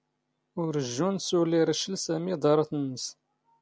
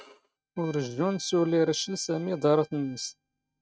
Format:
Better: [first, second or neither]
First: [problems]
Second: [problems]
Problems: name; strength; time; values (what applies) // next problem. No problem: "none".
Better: first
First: none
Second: noise reduction (neural mask model RNNoise)